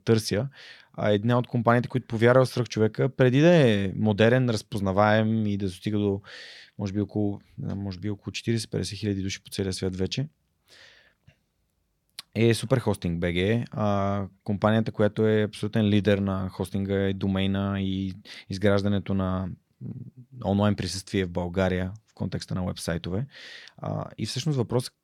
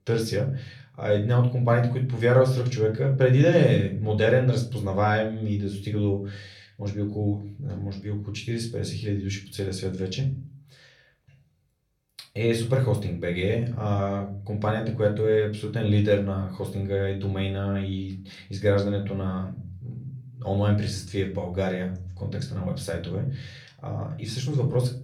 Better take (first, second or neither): first